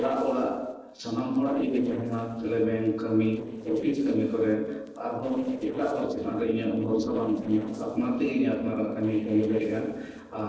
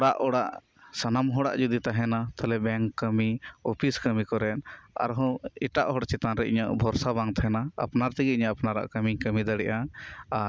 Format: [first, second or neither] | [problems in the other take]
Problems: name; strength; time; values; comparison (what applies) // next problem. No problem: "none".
second | noise reduction (neural separator model SepFormer DNS4)